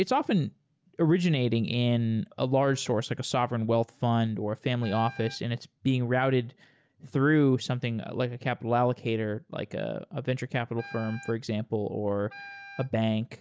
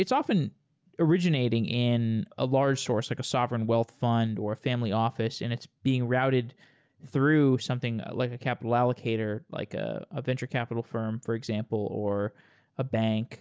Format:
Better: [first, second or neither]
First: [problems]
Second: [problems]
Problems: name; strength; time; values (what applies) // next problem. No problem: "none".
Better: second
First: background sound (Wind instrument, woodwind instrument); 20 dB below the speech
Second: none